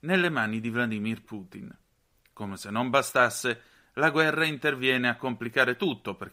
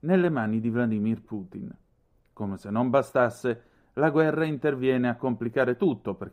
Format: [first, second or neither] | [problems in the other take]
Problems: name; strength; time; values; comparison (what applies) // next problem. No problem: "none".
first | muffled; slightly; fading above 1.5 kHz